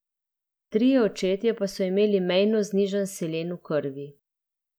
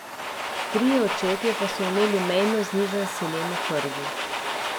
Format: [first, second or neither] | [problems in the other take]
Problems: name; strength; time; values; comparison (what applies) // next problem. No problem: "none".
first | background sound (Domestic sounds, home sounds); 3 dB below the speech